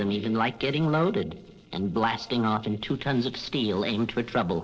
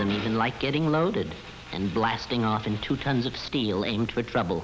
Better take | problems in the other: second | noise reduction (neural separator model SepFormer DNS4)

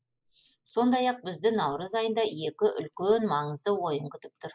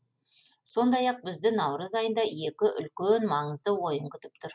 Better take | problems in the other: second | noise reduction (neural mask model Resemble Enhance denoiser)

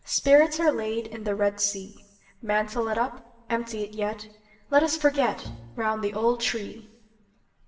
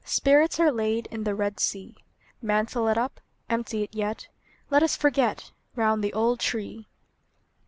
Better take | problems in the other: second | background sound (Bowed string instrument); 18 dB below the speech // room echo; dies away in 1 s

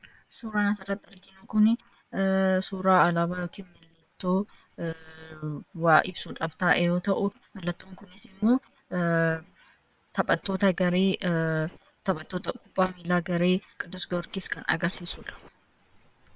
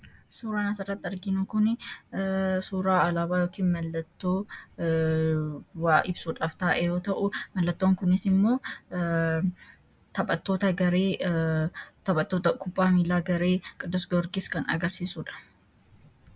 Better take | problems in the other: second | noise reduction (neural separator model SepFormer WHAM!)

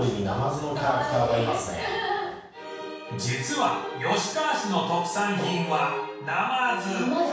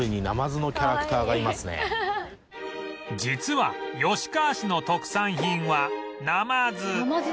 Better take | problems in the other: second | room echo; dies away in 0.7 s

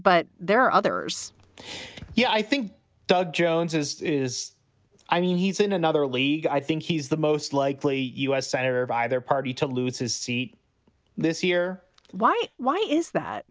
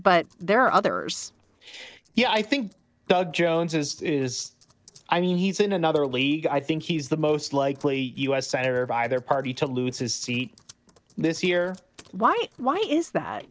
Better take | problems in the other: first | noise reduction (neural separator model SepFormer DNS4)

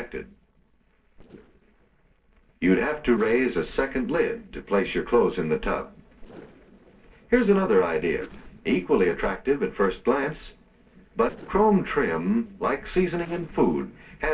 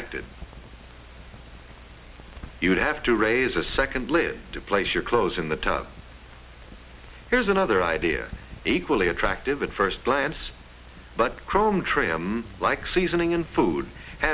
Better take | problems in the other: second | noise reduction (neural separator model SepFormer DNS4)

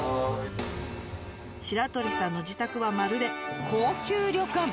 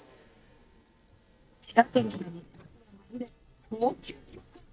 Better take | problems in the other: first | noise reduction (neural mask model DeepFilterNet 3)

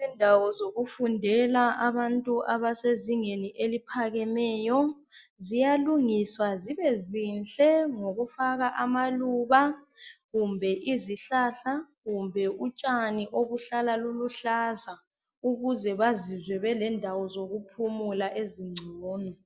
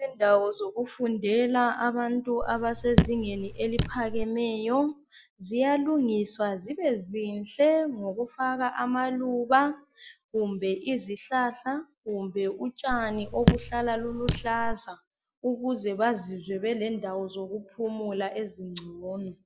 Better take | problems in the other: first | background sound (Raindrop / Drip); as loud as the speech

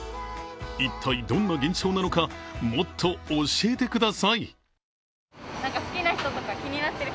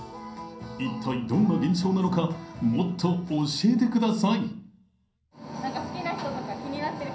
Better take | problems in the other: first | room echo; dies away in 0.6 s

